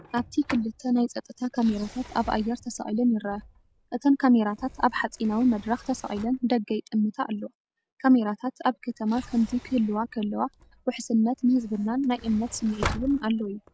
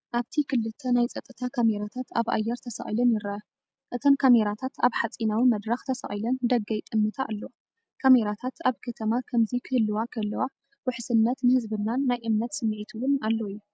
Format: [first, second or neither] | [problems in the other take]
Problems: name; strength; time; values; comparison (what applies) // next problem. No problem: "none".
second | background sound (Sliding door); 17 dB below the speech